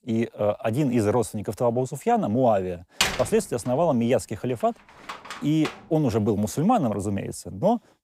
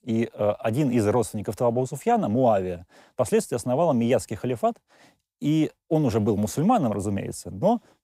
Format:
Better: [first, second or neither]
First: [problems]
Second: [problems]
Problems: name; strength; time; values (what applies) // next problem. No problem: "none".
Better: second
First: door banging; loud; from 3 to 5.5 s; peak level with the speech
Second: none